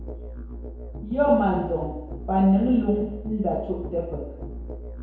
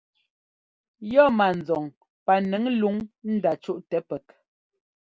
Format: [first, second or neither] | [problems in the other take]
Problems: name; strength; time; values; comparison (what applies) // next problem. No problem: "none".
second | background sound (Musical instrument); 10 dB below the speech // room echo; dies away in 0.9 s